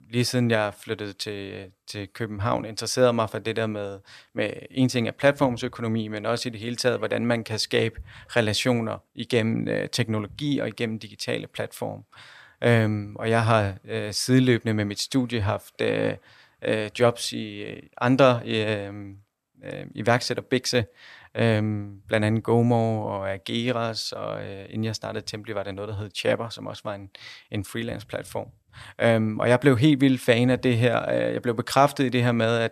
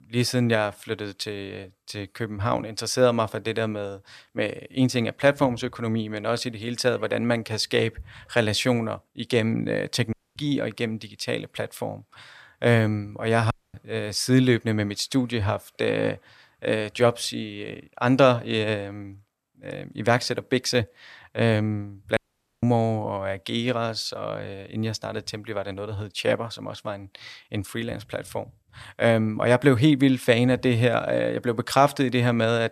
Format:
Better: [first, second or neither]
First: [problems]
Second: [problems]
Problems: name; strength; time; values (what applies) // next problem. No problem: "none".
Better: first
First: none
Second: audio cutting out; at 10 s, at 14 s and at 22 s